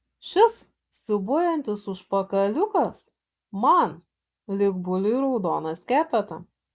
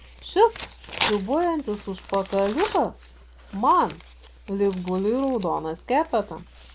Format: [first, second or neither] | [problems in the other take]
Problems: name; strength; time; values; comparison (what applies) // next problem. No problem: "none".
first | background sound (Tearing); 13 dB below the speech